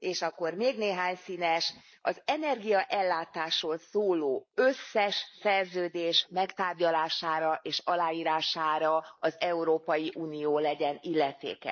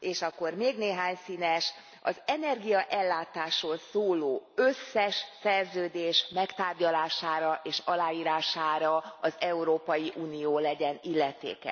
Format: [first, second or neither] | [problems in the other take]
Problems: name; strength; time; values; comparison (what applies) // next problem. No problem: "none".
second | noise reduction (neural mask model Resemble Enhance denoiser)